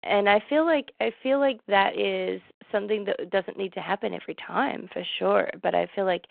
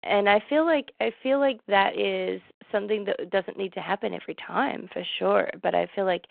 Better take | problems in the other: neither | phone-call audio; the same in both

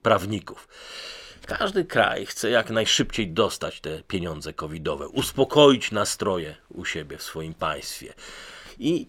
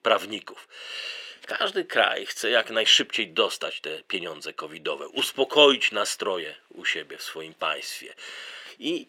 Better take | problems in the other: first | thin; somewhat; fading below 400 Hz

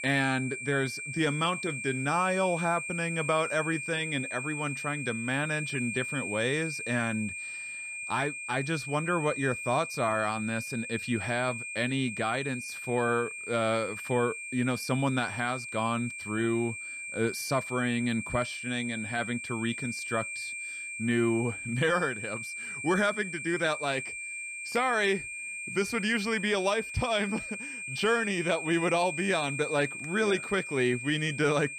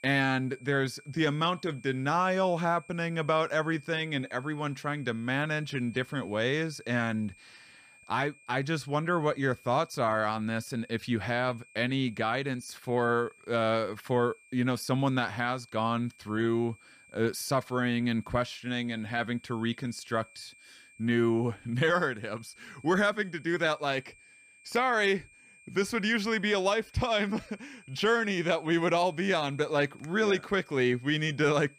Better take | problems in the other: second | high-pitched whine; loud; throughout; 2.5 kHz, 6 dB below the speech; faint in the second

